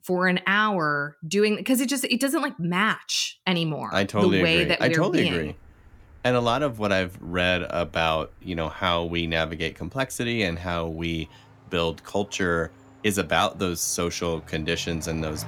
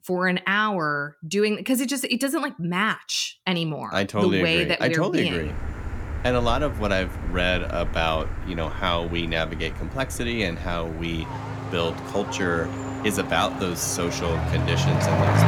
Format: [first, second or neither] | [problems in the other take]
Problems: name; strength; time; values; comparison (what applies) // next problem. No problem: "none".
first | traffic noise; loud; from 5.5 s on; 5 dB below the speech; faint in the first